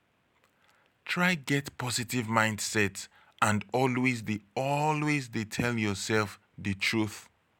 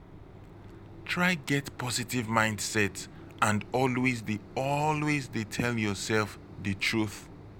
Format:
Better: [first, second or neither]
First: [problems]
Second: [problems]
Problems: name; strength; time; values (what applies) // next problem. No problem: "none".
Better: first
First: none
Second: background sound (Mechanisms); 17 dB below the speech